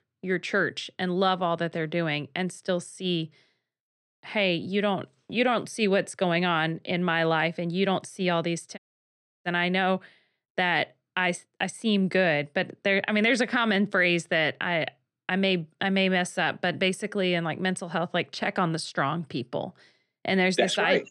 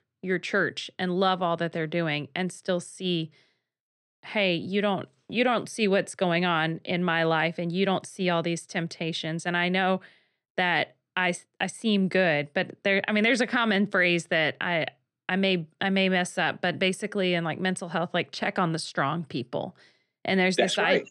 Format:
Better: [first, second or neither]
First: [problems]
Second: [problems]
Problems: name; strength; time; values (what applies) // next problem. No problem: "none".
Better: second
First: audio cutting out; at 9 s for 0.5 s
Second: none